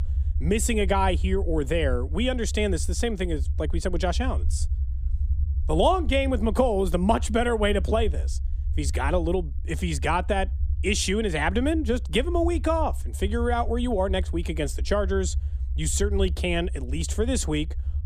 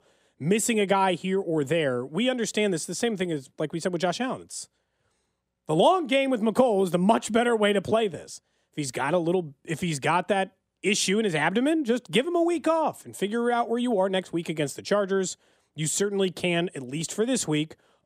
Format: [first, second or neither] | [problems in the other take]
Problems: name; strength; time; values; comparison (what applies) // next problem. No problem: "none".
second | low rumble; faint; throughout; 20 dB below the speech